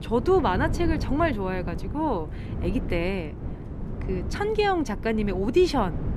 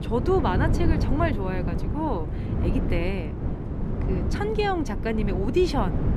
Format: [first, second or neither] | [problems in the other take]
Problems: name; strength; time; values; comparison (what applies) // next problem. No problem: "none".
first | wind noise on the microphone; heavy; 8 dB below the speech; occasional gusts in the first